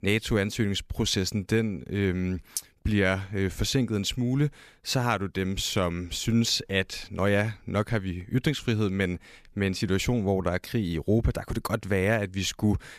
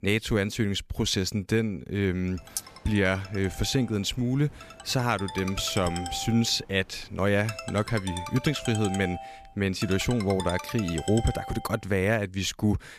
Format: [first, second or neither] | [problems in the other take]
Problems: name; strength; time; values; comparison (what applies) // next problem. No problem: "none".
first | phone ringing; noticeable; from 2.5 to 12 s; peak 7 dB below the speech